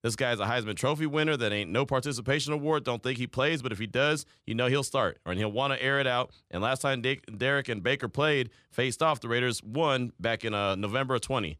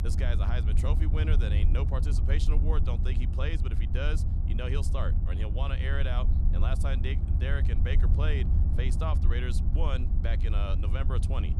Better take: first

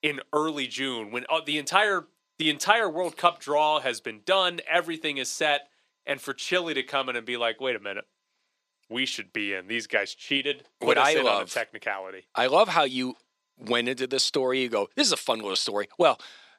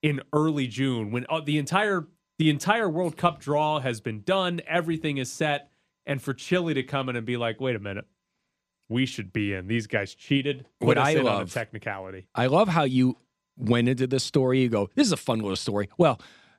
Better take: second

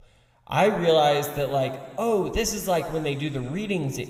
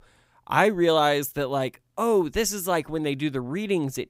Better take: second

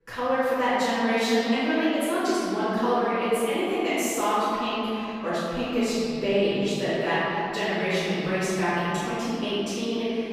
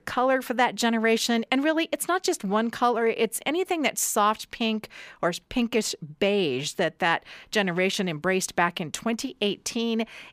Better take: second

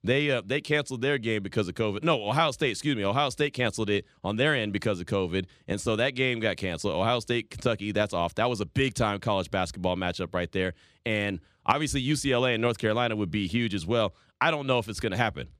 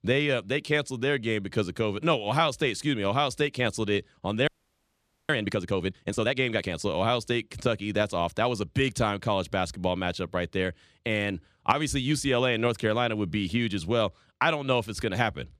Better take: first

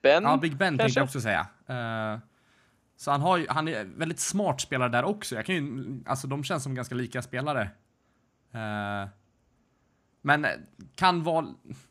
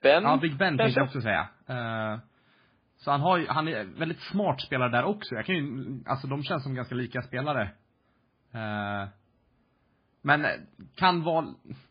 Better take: first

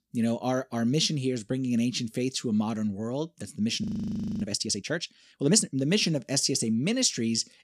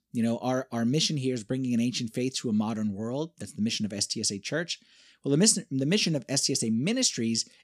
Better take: second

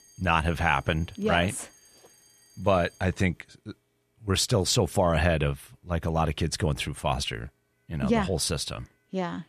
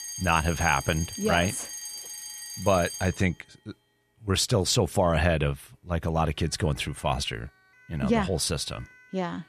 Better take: first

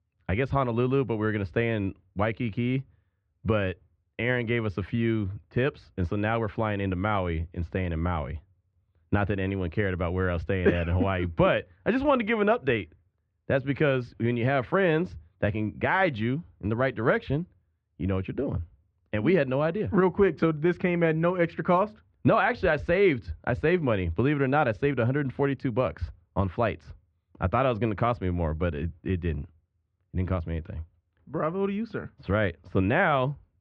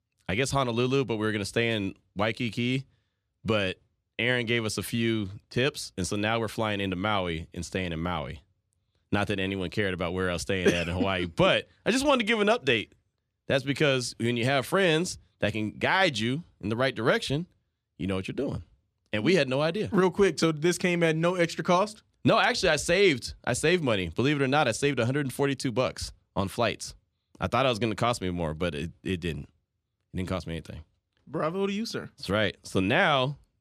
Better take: second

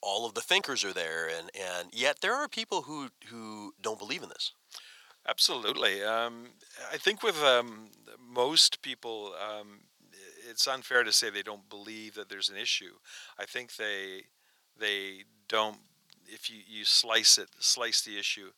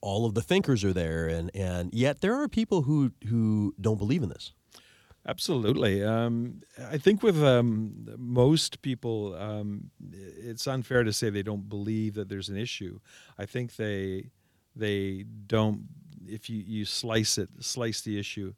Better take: second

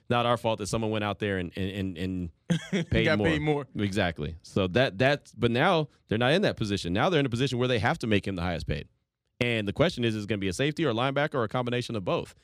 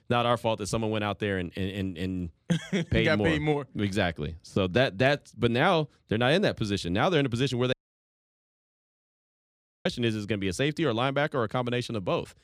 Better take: first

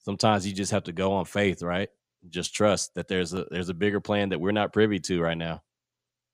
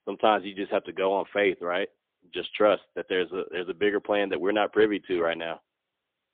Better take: first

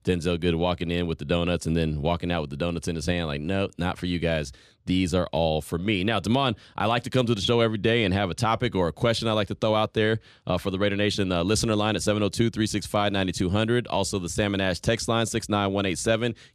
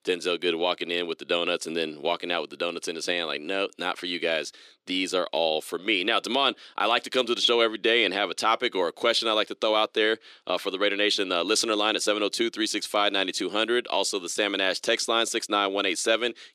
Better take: first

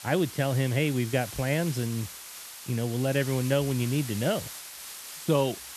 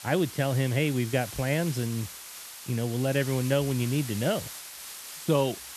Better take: neither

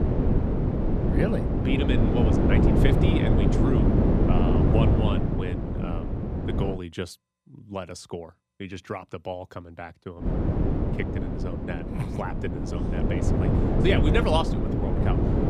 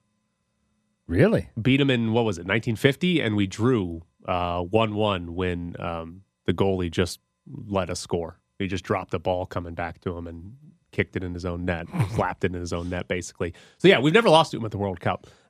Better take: second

